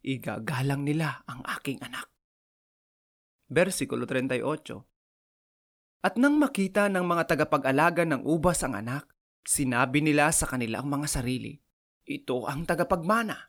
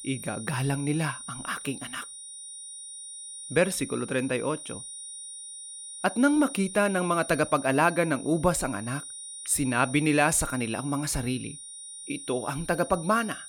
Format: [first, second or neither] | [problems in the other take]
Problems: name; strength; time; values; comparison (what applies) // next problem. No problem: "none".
first | high-pitched whine; noticeable; throughout; 9.5 kHz, 10 dB below the speech